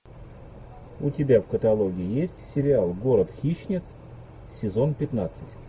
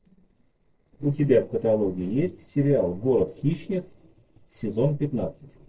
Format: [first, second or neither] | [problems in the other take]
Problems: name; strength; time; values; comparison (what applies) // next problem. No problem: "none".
first | noise reduction (neural separator model SepFormer DNS4)